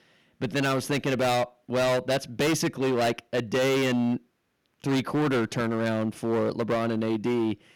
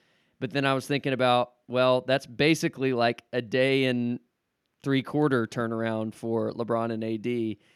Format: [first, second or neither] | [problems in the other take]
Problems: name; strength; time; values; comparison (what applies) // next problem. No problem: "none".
second | distortion; heavy; 20% of the sound clipped